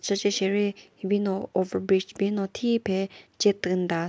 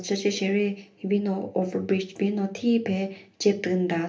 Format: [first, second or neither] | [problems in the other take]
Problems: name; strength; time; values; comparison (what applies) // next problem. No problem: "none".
first | room echo; dies away in 0.3 s